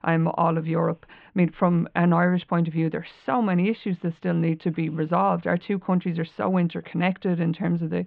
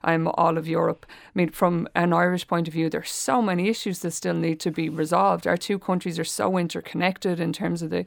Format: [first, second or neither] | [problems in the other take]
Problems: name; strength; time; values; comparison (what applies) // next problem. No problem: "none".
second | muffled; very; fading above 3 kHz